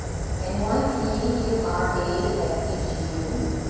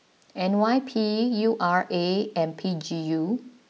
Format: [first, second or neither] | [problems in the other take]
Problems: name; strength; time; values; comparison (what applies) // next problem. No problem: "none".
second | background sound (Fire); 1 dB below the speech // room echo; dies away in 2.2 s